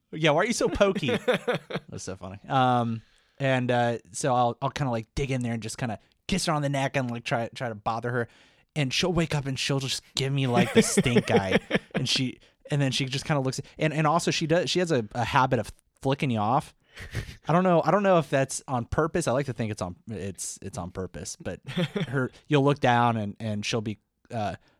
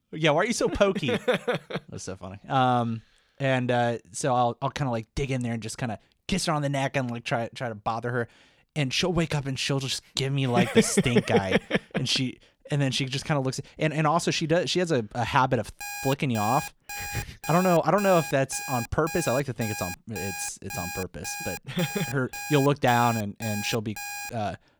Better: first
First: none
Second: alarm; noticeable; from 16 s on; peak 7 dB below the speech

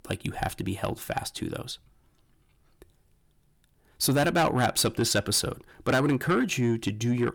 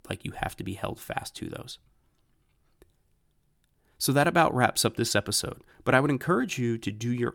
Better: second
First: distortion; heavy; 8 dB below the speech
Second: none

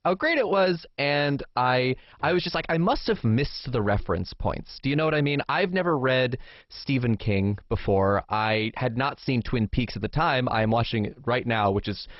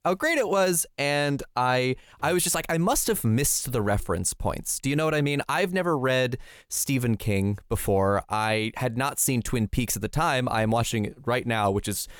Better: second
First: garbled, watery; badly; nothing above 5.5 kHz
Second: none

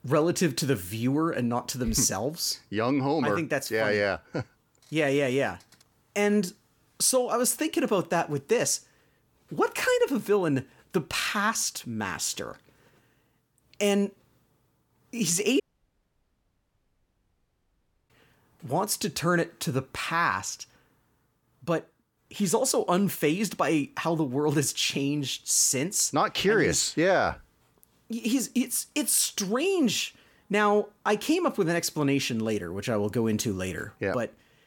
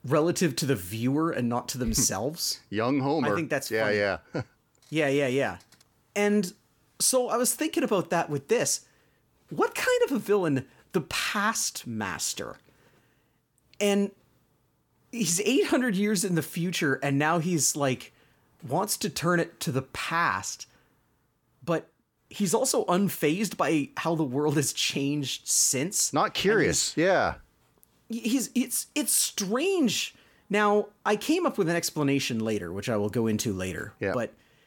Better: second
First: audio cutting out; at 16 s for 2.5 s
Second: none

